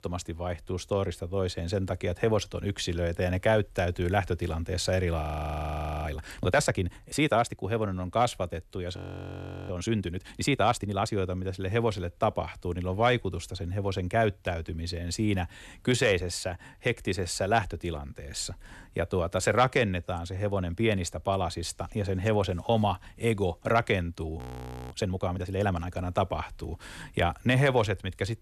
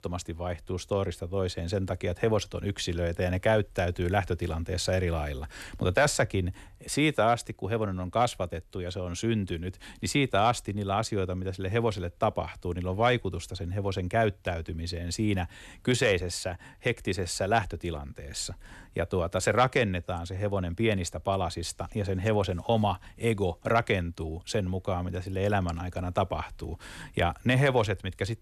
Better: second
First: audio freezing; at 5 s for 1 s, at 9 s for 0.5 s and at 24 s for 0.5 s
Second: none

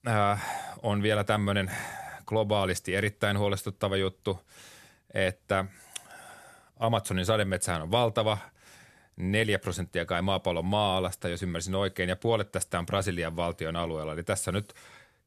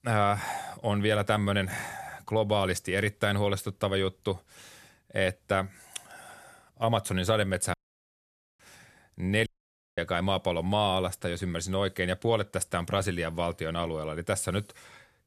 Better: first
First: none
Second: audio cutting out; at 7.5 s for 1 s and at 9.5 s for 0.5 s

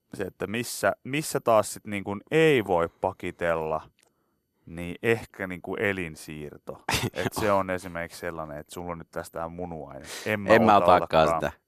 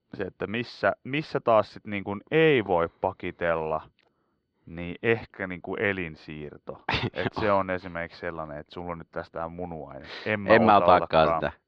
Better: first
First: none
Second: muffled; very slightly; fading above 4 kHz

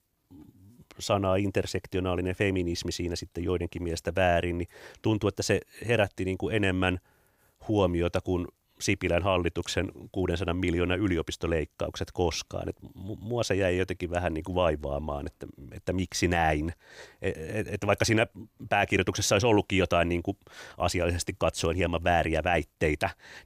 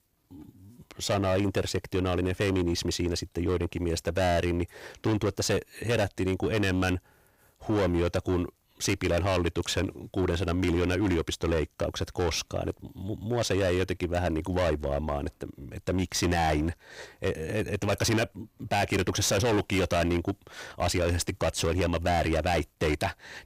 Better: first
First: none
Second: distortion; heavy; 16% of the sound clipped

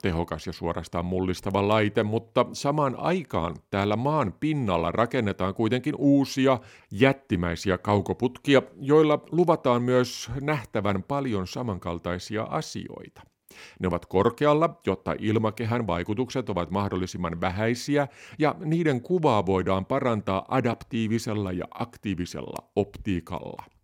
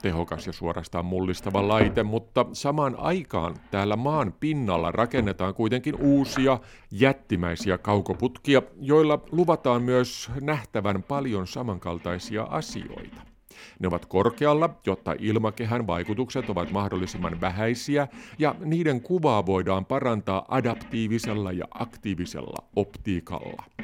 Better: first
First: none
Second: household noises; noticeable; throughout; 15 dB below the speech

